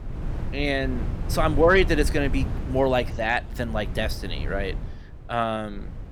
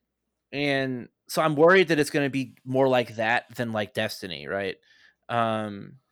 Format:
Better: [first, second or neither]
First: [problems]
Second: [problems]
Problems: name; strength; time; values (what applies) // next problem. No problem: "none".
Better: second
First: wind noise on the microphone; occasional gusts; 15 dB below the speech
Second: none